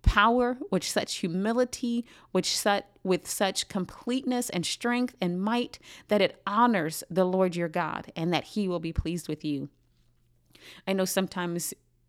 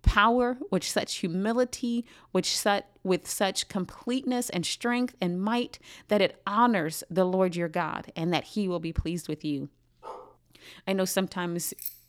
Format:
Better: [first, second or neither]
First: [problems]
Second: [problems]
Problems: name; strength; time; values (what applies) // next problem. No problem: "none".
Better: first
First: none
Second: dog barking; faint; at 10 s; peak 15 dB below the speech // jangling keys; noticeable; at 12 s; peak 9 dB below the speech